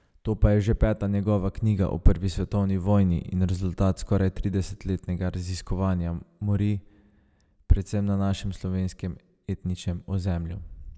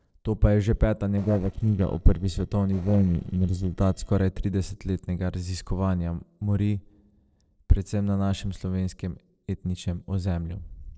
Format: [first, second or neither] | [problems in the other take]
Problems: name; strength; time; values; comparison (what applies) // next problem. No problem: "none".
first | noise reduction (neural separator model SepFormer DNS4)